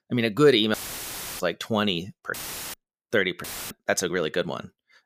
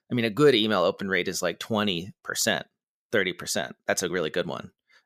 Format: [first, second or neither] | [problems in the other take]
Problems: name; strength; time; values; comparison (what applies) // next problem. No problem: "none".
second | audio cutting out; filled with static; at 0.5 s for 0.5 s, at 2.5 s and at 3.5 s